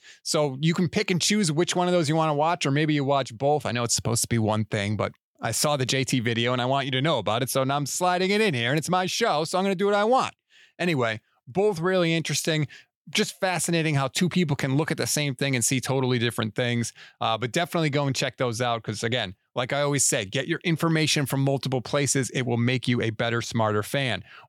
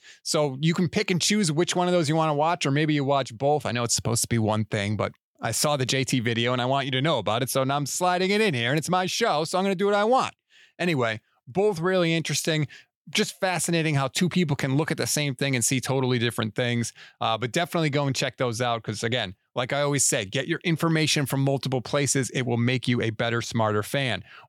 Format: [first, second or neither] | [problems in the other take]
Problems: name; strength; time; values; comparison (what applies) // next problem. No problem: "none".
neither | none